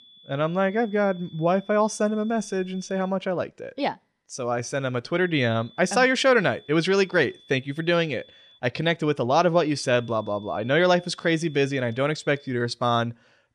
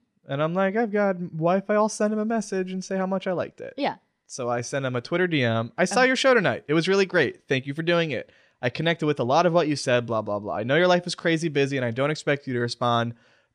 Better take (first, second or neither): second